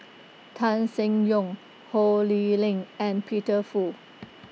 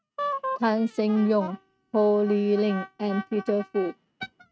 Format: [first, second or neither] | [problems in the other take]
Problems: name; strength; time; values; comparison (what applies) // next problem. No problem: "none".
first | noise reduction (neural mask model RNNoise)